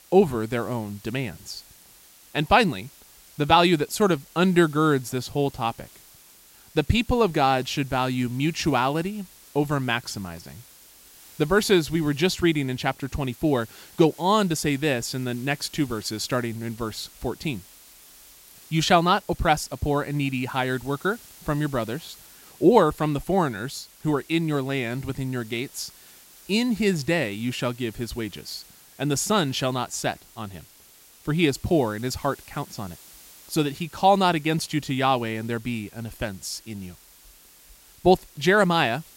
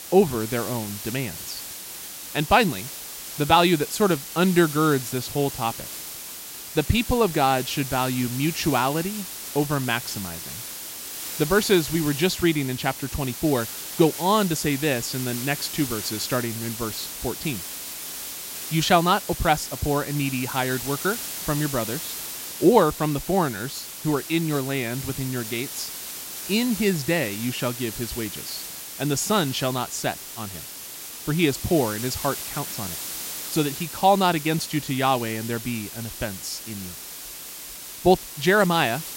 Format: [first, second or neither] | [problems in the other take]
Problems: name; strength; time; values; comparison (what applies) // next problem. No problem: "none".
first | hiss; loud; throughout; 8 dB below the speech; faint in the first